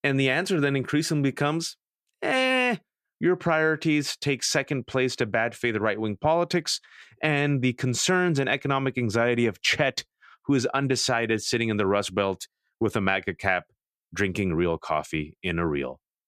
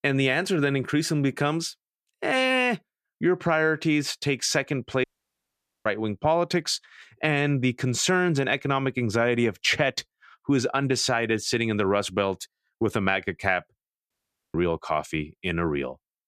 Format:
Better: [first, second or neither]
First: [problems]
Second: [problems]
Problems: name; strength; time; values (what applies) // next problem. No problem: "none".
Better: first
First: none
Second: audio cutting out; at 5 s for 1 s and at 14 s